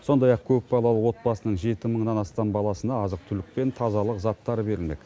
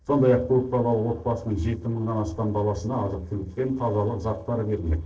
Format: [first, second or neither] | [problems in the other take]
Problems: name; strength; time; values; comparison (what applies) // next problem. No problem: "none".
first | noise reduction (neural separator model SepFormer DNS4)